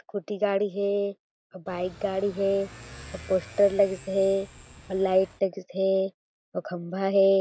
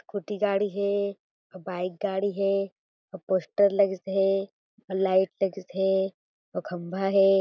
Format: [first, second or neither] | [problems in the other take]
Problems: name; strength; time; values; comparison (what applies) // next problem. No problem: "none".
second | background sound (Motorcycle / Accelerating, revving, vroom); 19 dB below the speech